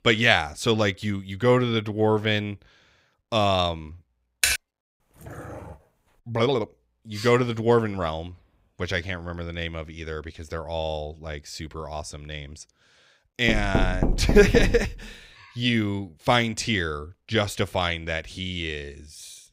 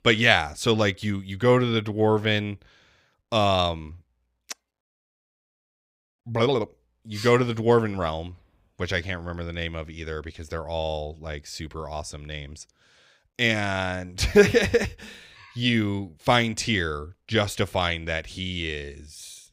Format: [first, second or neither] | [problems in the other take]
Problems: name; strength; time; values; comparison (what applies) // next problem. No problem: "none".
second | keyboard typing; loud; at 4.5 s; peak 2 dB above the speech // dog barking; faint; at 5 s; peak 15 dB below the speech // door banging; noticeable; from 13 to 15 s; peak level with the speech